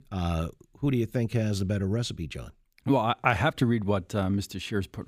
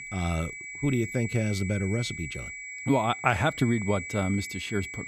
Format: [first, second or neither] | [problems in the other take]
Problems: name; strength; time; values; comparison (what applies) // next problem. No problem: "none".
first | high-pitched whine; loud; throughout; 2.5 kHz, 8 dB below the speech